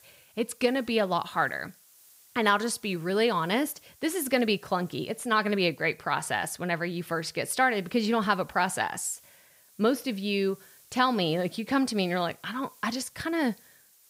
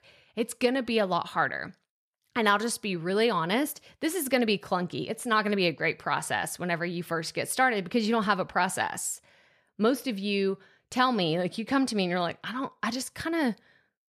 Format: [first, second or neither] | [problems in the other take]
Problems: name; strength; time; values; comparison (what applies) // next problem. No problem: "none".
second | hiss; faint; throughout; 25 dB below the speech